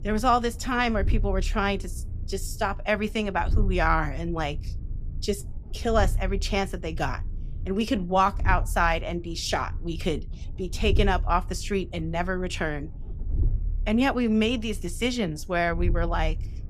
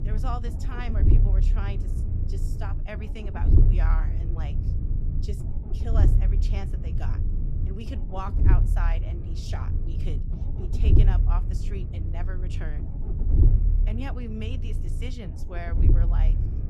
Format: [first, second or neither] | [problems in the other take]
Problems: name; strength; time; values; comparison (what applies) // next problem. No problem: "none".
first | low rumble; loud; throughout; 2 dB below the speech; faint in the first